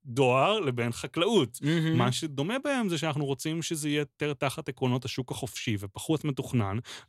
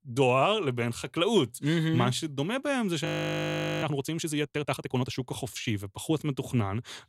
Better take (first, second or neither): first